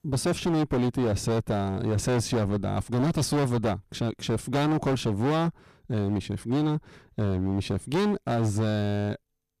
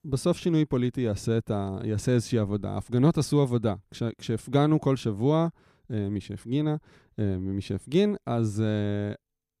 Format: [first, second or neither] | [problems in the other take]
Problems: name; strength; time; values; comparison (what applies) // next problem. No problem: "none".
second | distortion; heavy; 21% of the sound clipped